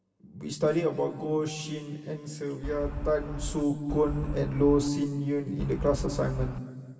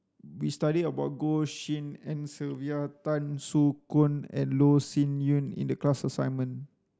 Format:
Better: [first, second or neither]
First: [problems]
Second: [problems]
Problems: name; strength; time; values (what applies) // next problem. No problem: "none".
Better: second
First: background sound (Wind); 6 dB below the speech // room echo; dies away in 2.2 s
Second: none